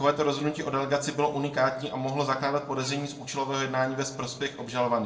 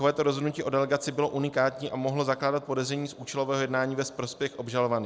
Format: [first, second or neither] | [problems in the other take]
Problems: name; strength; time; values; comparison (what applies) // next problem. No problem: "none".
second | background sound (Cupboard open or close / Door); 20 dB below the speech // room echo; dies away in 0.6 s